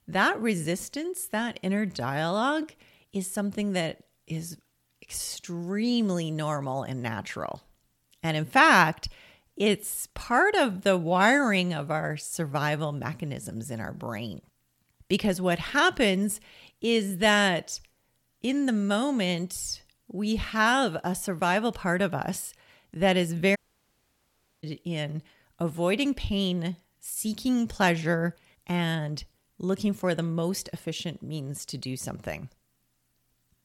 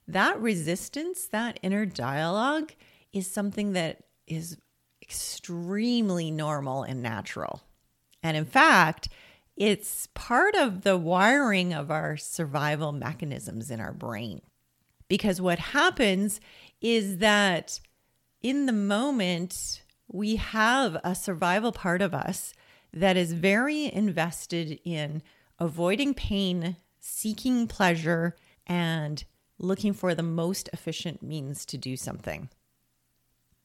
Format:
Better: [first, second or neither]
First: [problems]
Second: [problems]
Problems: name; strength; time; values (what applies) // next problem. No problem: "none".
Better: second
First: audio cutting out; at 24 s for 1 s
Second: none